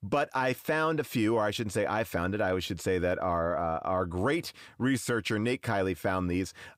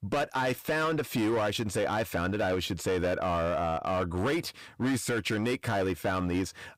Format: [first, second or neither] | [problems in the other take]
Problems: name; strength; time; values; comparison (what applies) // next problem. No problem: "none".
first | distortion; slight; 16% of the sound clipped